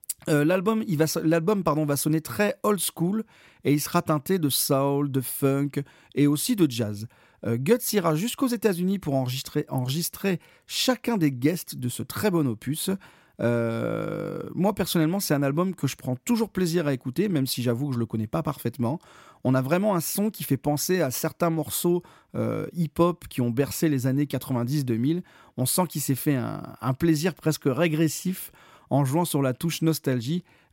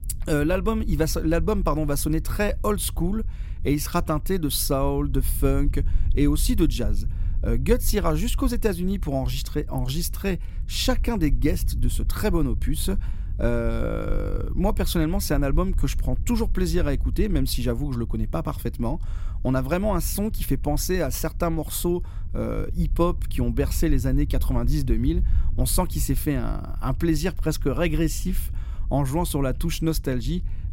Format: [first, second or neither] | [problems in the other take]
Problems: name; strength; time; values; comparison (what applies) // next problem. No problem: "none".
first | low rumble; faint; throughout; 20 dB below the speech